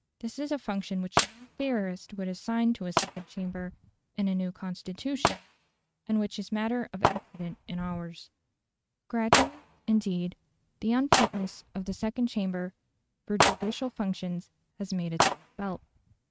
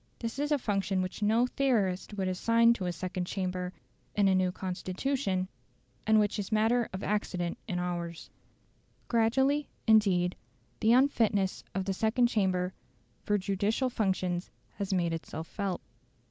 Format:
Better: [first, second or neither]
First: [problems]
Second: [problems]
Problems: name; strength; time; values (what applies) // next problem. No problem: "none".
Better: second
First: noise reduction (neural mask model RNNoise)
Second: none